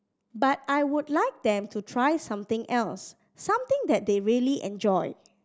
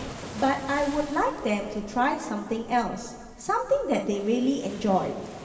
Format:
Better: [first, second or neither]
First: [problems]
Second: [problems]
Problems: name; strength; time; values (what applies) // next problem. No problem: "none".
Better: first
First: none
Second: background sound (Waves, surf); 15 dB below the speech // room echo; dies away in 2.3 s